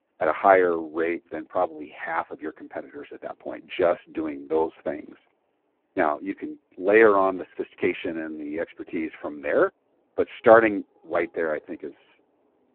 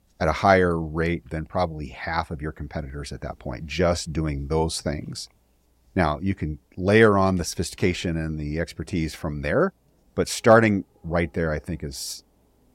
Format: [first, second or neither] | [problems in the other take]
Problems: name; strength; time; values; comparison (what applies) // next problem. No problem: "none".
second | phone-call audio; poor line